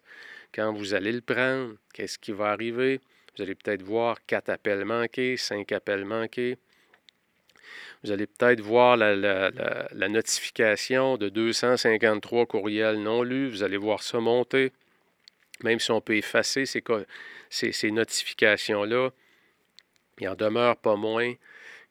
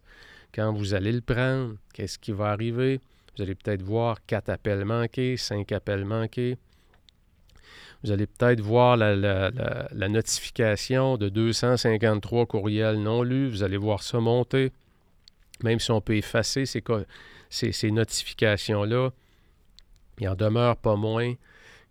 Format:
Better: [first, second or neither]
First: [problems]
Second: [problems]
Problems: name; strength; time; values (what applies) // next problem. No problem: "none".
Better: second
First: thin; somewhat; fading below 300 Hz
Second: none